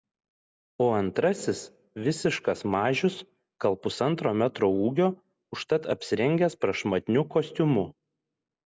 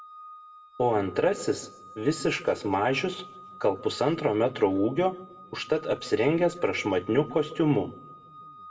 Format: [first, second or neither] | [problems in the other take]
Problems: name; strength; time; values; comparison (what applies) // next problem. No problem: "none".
first | background sound (Organ); 20 dB below the speech // room echo; dies away in 0.7 s